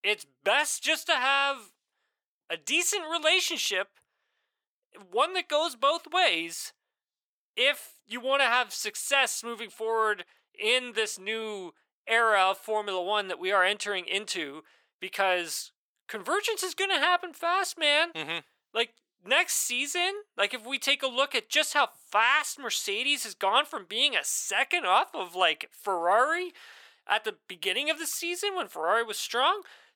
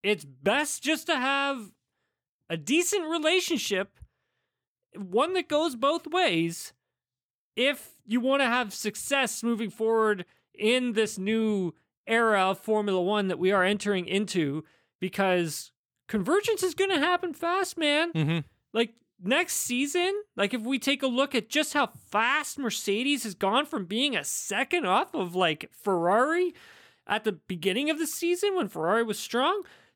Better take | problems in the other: second | thin; very; fading below 700 Hz

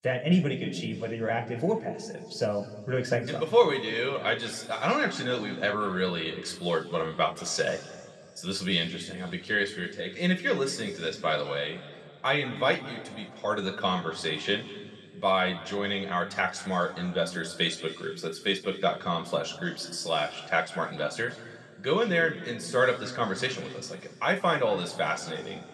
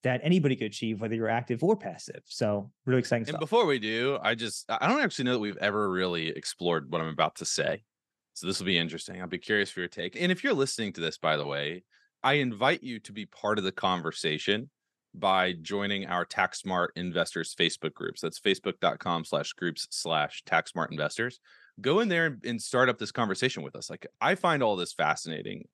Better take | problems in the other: second | room echo; slight; dies away in 1.7 s

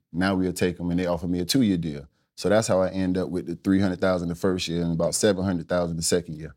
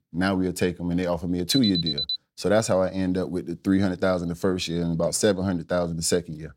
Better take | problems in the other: first | alarm; noticeable; at 1.5 s; peak level with the speech

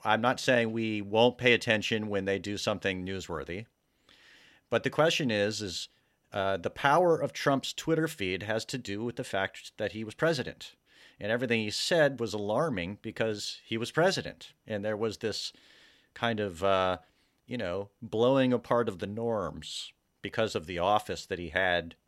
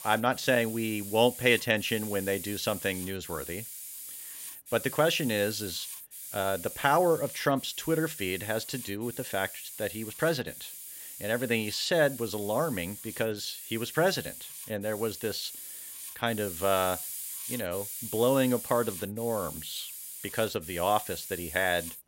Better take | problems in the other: first | hiss; loud; throughout; 9 dB below the speech

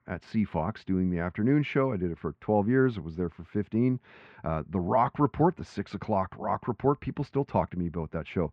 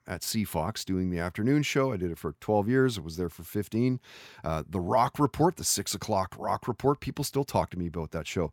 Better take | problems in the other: second | muffled; very; fading above 2.5 kHz

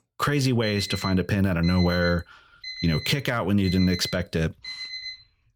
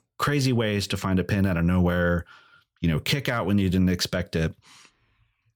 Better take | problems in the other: second | alarm; noticeable; from 0.5 s on; peak 8 dB below the speech

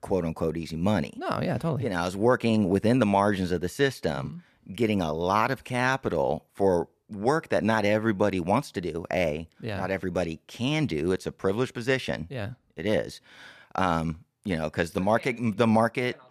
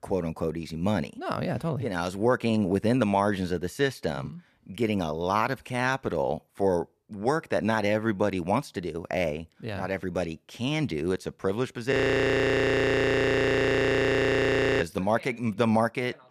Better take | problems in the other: first | audio freezing; at 12 s for 3 s

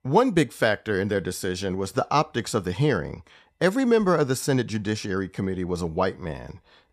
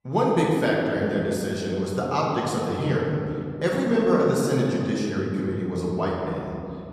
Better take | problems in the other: first | room echo; noticeable; dies away in 2.7 s // off-mic speech; far

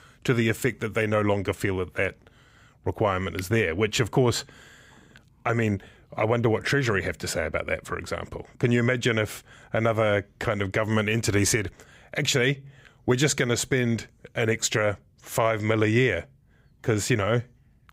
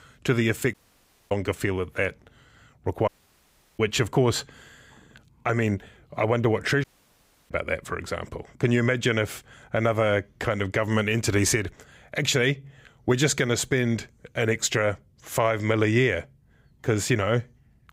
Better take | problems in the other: first | audio cutting out; at 0.5 s for 0.5 s, at 3 s for 0.5 s and at 7 s for 0.5 s

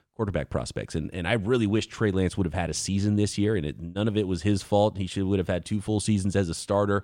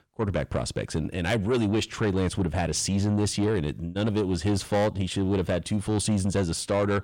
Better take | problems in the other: first | distortion; slight; 10 dB below the speech

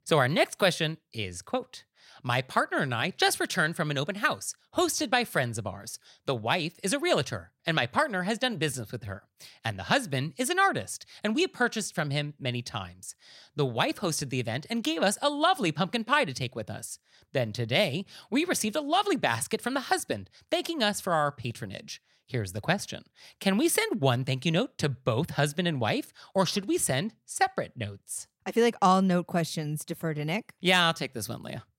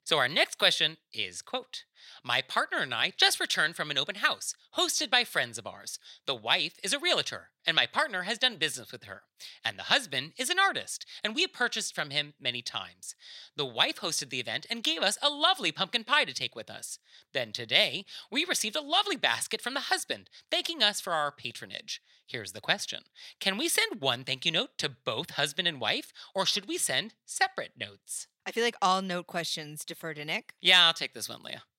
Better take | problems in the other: first | thin; somewhat; fading below 950 Hz

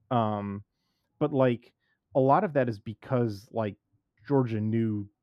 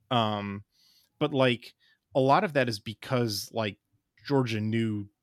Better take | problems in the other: second | muffled; very; fading above 2 kHz

